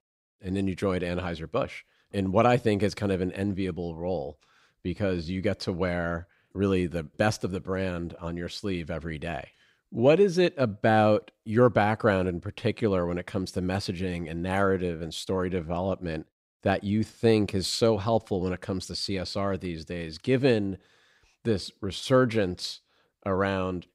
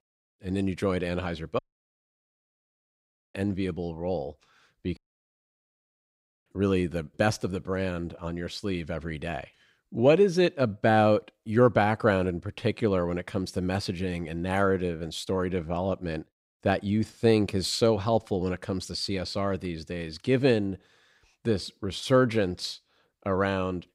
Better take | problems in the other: first | audio cutting out; at 1.5 s for 1.5 s and at 5 s for 1.5 s

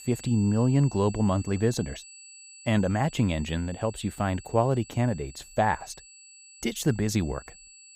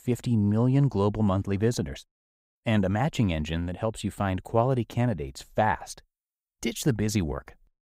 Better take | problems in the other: second | high-pitched whine; noticeable; throughout; 8 kHz, 20 dB below the speech

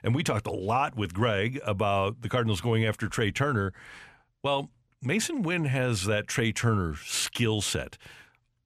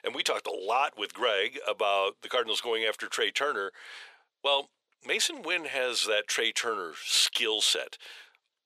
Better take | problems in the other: first | thin; very; fading below 450 Hz

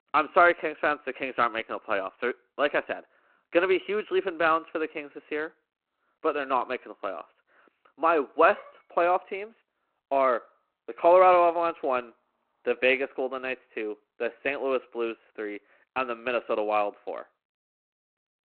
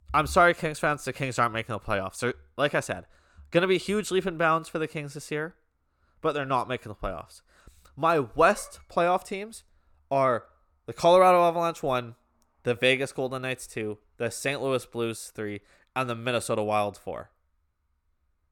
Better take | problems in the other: second | phone-call audio; nothing above 4 kHz

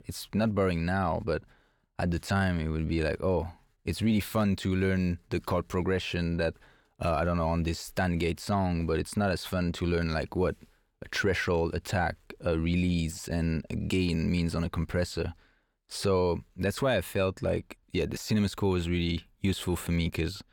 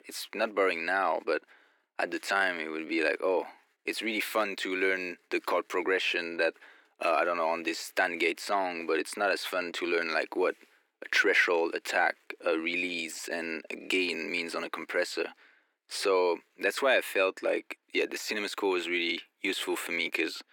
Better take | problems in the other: first | thin; very; fading below 300 Hz

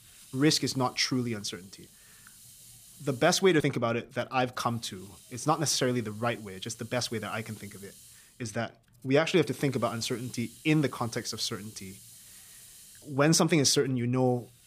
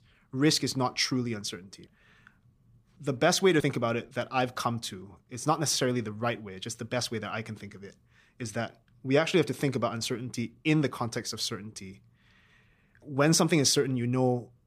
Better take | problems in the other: second | hiss; faint; throughout; 20 dB below the speech

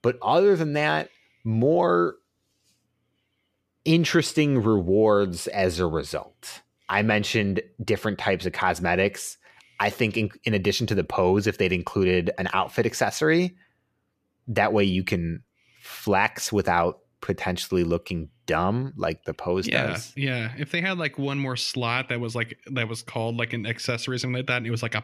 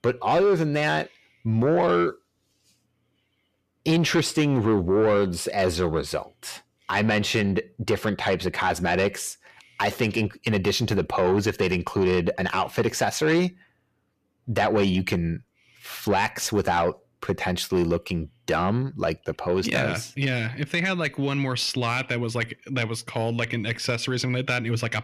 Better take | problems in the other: first | distortion; slight; 10 dB below the speech

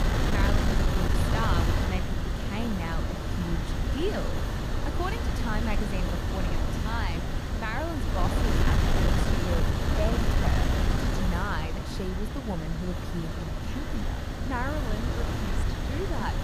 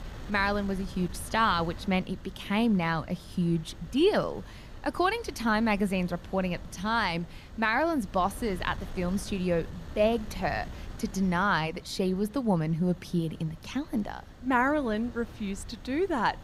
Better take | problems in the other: second | wind noise on the microphone; heavy; 2 dB above the speech; occasional gusts in the second

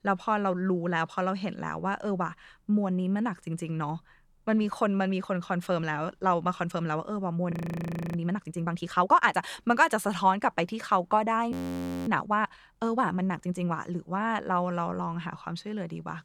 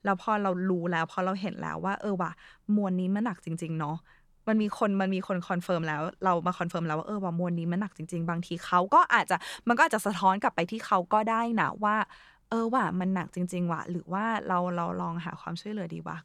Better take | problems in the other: second | audio freezing; at 7.5 s for 0.5 s and at 12 s for 0.5 s

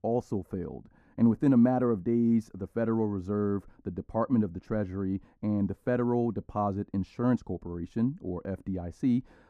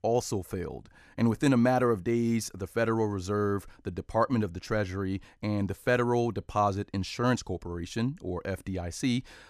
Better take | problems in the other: second | muffled; very; fading above 2 kHz

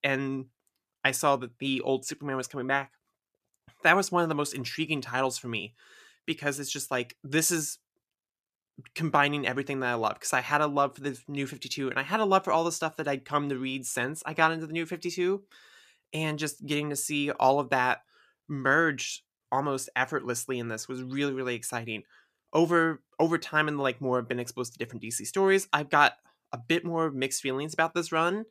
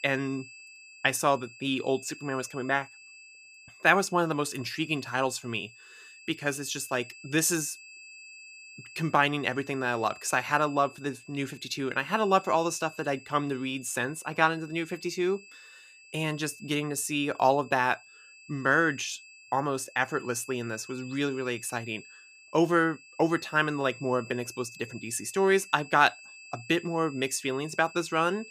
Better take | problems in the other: first | high-pitched whine; noticeable; throughout; 2.5 kHz, 20 dB below the speech

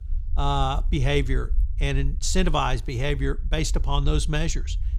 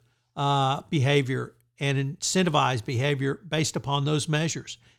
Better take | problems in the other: second | low rumble; faint; throughout; 25 dB below the speech

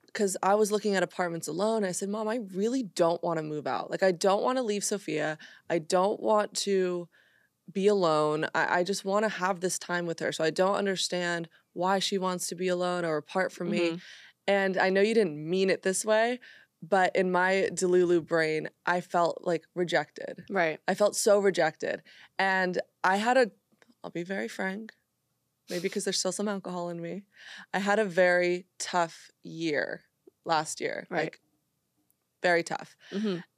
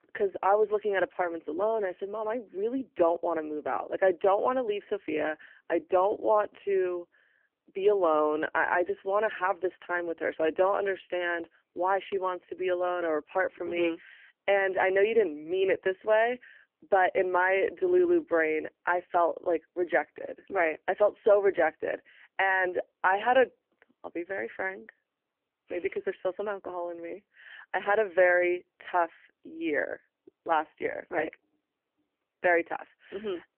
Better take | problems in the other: first | phone-call audio; poor line; nothing above 3 kHz

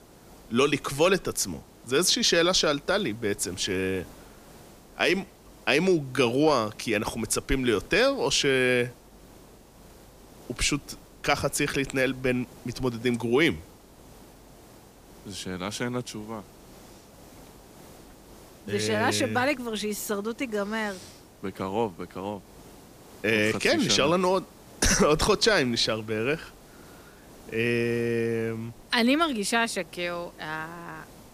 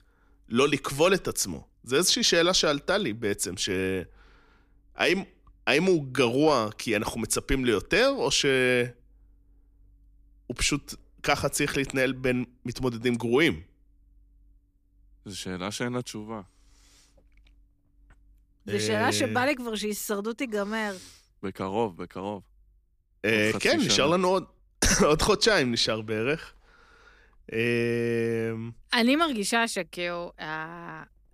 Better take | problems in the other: second | hiss; faint; throughout; 25 dB below the speech

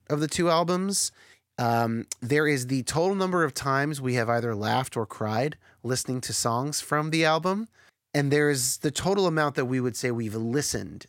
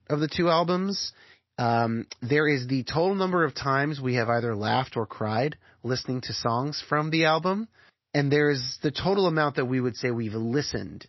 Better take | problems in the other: first | garbled, watery; slightly; nothing above 5.5 kHz

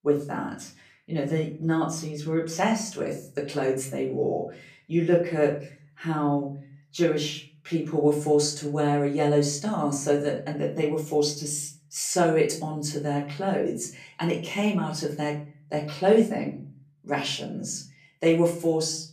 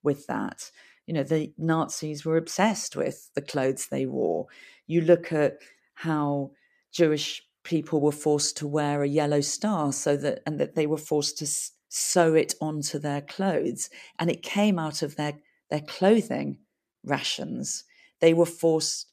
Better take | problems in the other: second | off-mic speech; far // room echo; slight; dies away in 0.4 s

